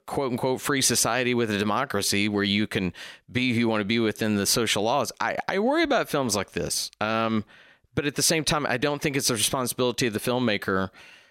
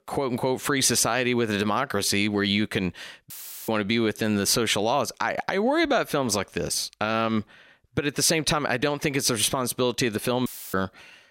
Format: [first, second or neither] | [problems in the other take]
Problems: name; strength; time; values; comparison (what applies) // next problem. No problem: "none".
first | audio cutting out; filled with static; at 3.5 s and at 10 s